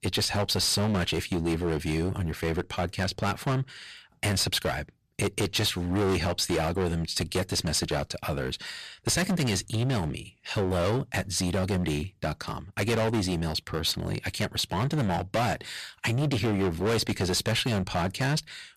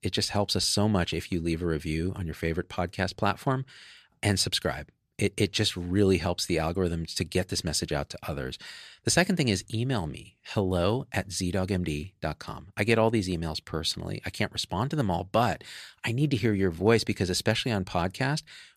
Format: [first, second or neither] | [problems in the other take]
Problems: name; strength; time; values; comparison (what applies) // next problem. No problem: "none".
second | distortion; heavy; 17% of the sound clipped